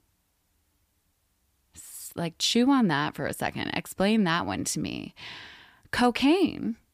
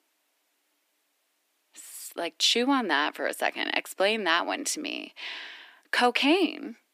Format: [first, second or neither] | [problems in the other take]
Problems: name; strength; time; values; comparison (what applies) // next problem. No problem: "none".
first | thin; somewhat; fading below 300 Hz